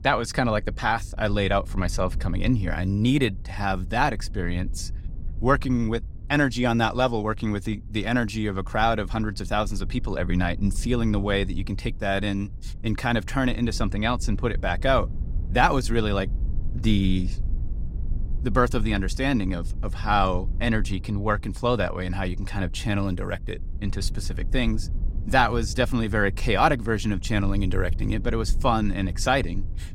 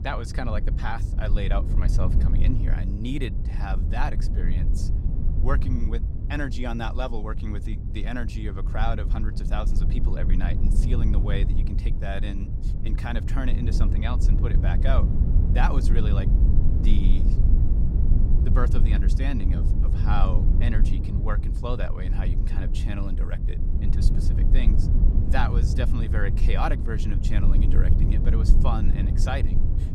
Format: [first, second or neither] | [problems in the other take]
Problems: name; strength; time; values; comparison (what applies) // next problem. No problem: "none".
first | low rumble; loud; throughout; 6 dB below the speech; faint in the first